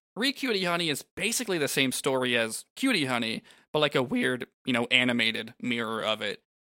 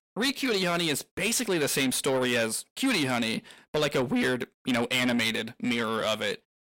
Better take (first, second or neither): first